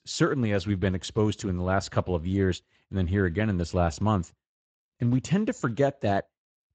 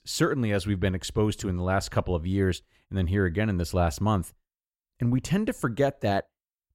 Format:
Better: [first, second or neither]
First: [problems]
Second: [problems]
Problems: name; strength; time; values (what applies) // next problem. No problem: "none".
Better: second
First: garbled, watery; slightly; nothing above 7.5 kHz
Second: none